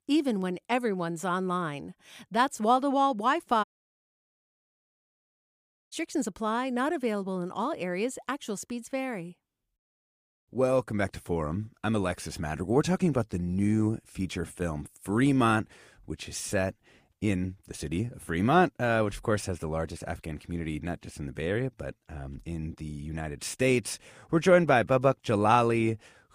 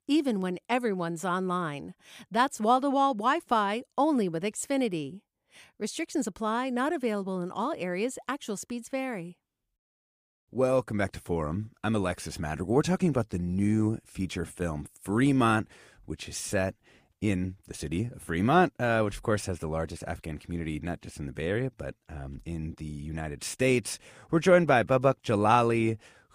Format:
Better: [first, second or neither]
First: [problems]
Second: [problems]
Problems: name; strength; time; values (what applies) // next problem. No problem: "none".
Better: second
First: audio cutting out; at 3.5 s for 2.5 s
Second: none